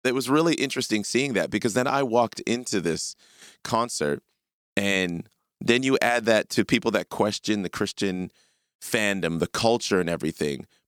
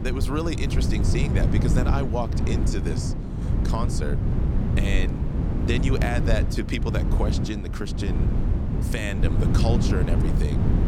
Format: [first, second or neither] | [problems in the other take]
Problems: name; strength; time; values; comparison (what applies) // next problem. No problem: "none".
first | wind noise on the microphone; heavy; 3 dB below the speech